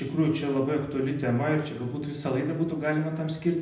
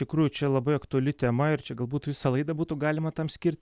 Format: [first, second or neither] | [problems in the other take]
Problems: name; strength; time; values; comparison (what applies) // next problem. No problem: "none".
second | room echo; dies away in 0.8 s